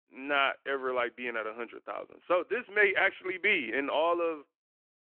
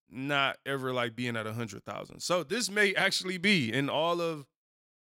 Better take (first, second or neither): second